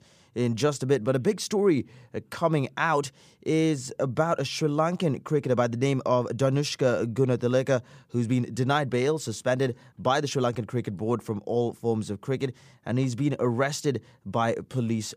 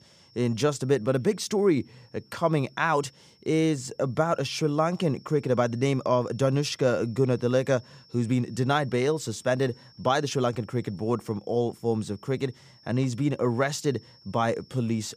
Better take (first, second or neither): first